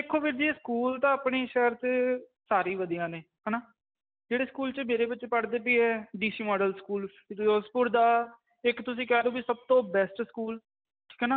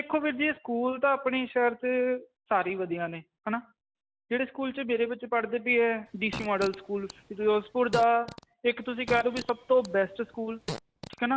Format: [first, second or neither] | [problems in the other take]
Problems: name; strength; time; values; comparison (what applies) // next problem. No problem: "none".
first | background sound (Fart); 14 dB below the speech